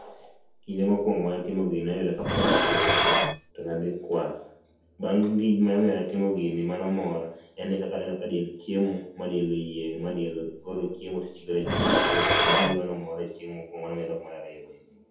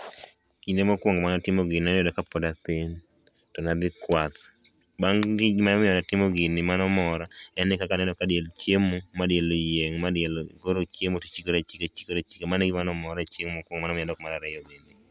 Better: second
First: background sound (Dishes, pots, and pans); 2 dB above the speech // room echo; dies away in 0.7 s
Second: none

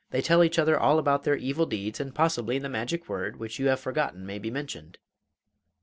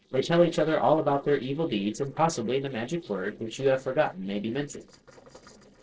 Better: first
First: none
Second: noise reduction (neural separator model SepFormer DNS4)

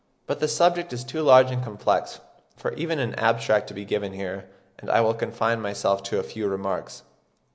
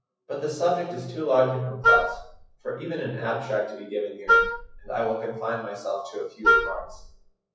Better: first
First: none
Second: noise reduction (classical method WPE with log-MMSE)

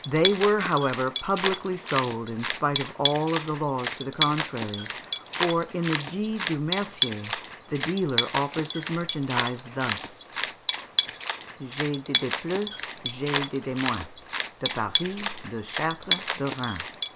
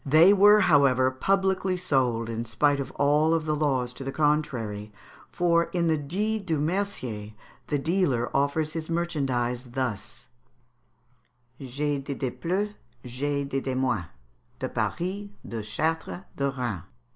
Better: second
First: background sound (Cat); 3 dB below the speech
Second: none

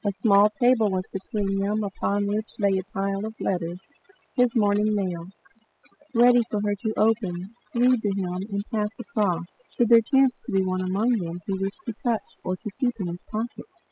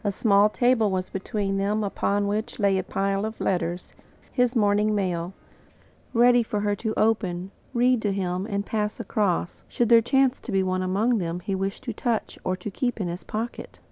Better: second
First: noise reduction (classical method spectral subtraction)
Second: none

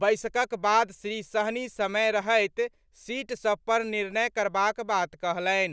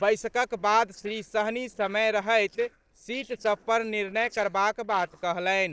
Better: first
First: none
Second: noise reduction (neural separator model SepFormer DNS4)

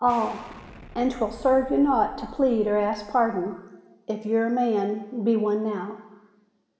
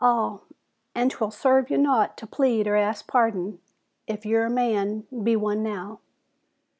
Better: second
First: background sound (Explosion); 20 dB below the speech // room echo; dies away in 1.1 s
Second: none

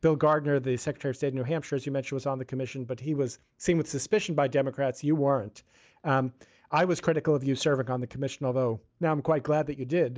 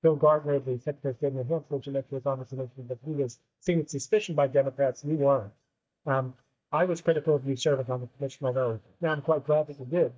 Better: first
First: none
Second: noise reduction (neural mask model DeepFilterNet 3)

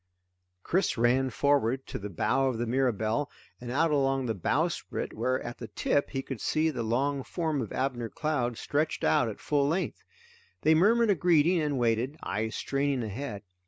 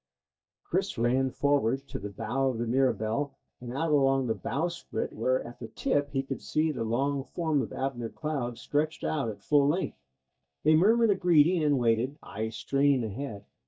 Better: first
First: none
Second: noise reduction (neural mask model DeepFilterNet 3)

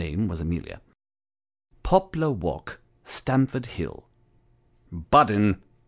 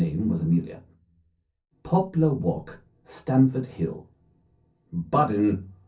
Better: first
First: none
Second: room echo; dies away in 0.3 s

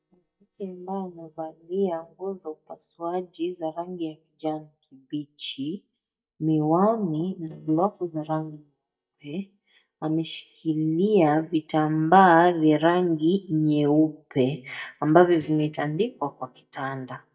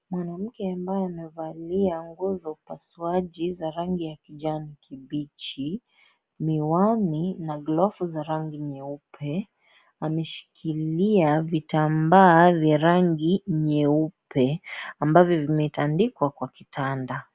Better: second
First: noise reduction (neural mask model DeepFilterNet 3)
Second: none

